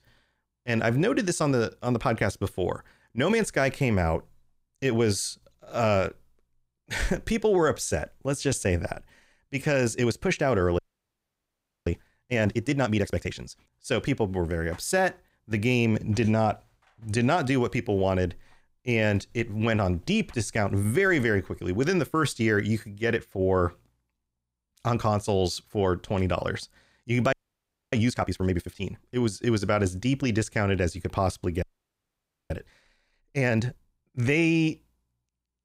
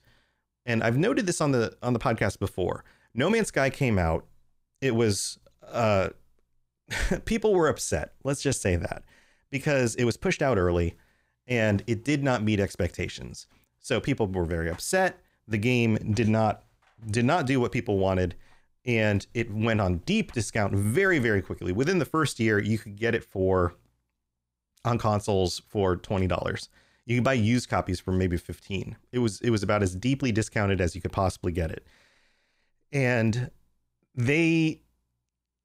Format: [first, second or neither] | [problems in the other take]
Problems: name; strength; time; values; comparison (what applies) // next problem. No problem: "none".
second | audio freezing; at 11 s for 1 s, at 27 s for 0.5 s and at 32 s for 1 s